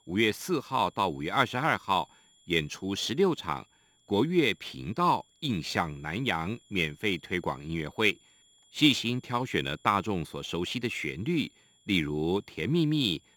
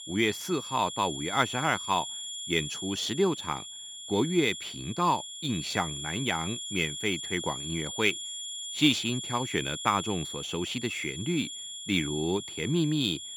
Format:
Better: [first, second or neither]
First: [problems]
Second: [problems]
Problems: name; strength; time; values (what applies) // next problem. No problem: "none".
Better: first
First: high-pitched whine; faint; throughout; 3.5 kHz, 30 dB below the speech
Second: high-pitched whine; loud; throughout; 3.5 kHz, 7 dB below the speech